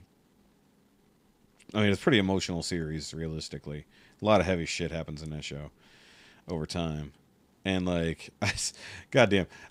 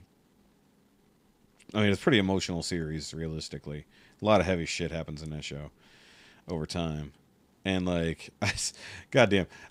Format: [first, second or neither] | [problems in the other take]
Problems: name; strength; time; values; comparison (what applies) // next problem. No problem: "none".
neither | none